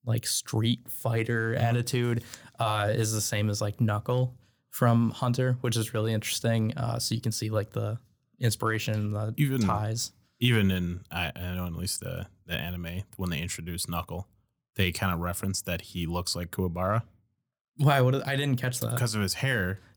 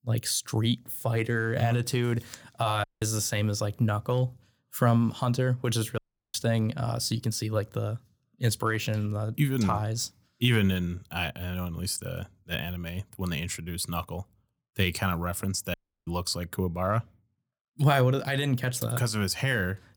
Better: first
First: none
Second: audio cutting out; at 3 s, at 6 s and at 16 s

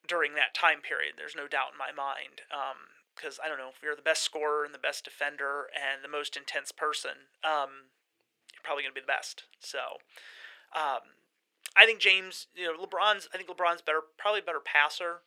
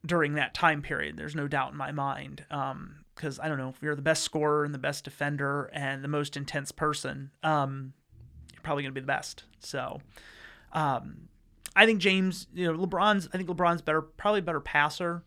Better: second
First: thin; very; fading below 450 Hz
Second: none

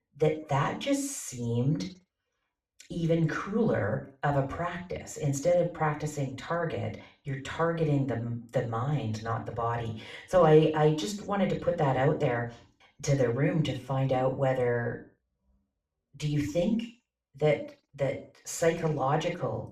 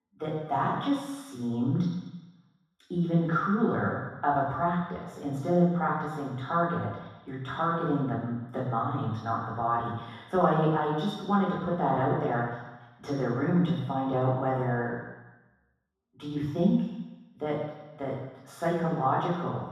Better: first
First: room echo; slight; dies away in 0.4 s // off-mic speech; far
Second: room echo; strong; dies away in 1.2 s // off-mic speech; far

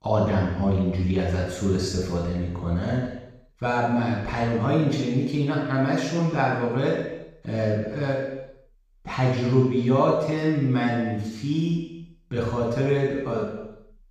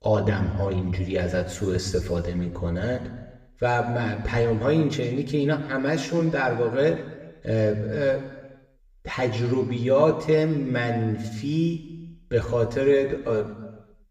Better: second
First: room echo; strong; dies away in 0.9 s // off-mic speech; far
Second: room echo; slight; dies away in 1.1 s // off-mic speech; somewhat distant

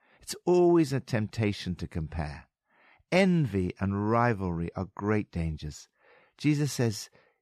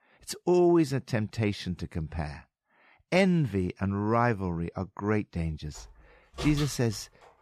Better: first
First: none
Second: door banging; noticeable; from 6 s on; peak 8 dB below the speech

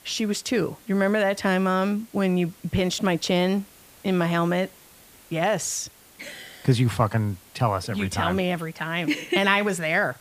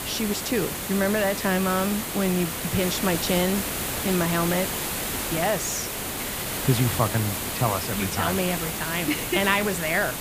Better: first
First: hiss; faint; throughout; 25 dB below the speech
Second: hiss; loud; throughout; 2 dB below the speech

